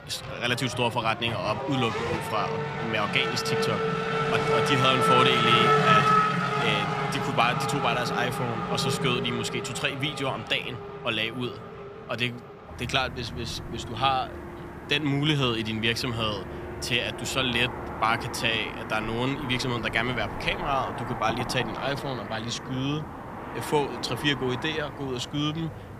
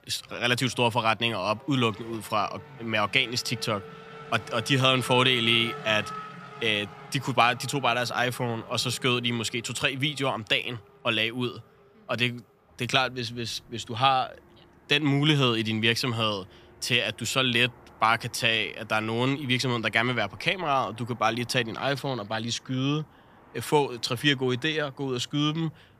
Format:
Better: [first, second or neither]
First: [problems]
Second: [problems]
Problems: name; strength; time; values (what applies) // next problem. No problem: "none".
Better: second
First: traffic noise; loud; throughout; 1 dB below the speech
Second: traffic noise; faint; throughout; 20 dB below the speech